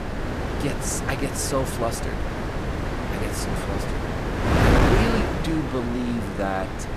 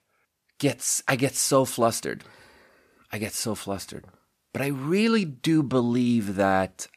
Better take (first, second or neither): second